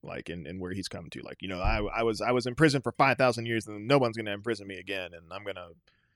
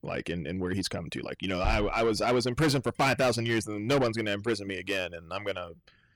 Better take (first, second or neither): first